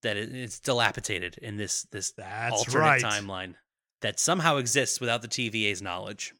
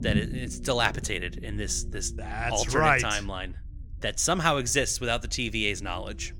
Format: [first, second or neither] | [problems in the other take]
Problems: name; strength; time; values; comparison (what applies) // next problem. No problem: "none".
first | low rumble; faint; throughout; 20 dB below the speech